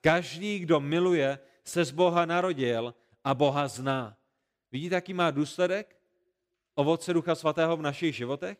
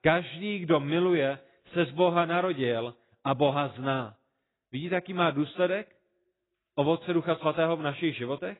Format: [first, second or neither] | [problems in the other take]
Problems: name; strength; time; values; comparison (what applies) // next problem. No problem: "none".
first | garbled, watery; badly; nothing above 4 kHz